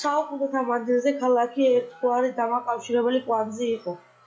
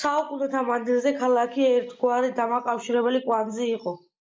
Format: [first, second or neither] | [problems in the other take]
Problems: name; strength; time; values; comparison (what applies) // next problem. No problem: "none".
second | noise reduction (classical method log-MMSE)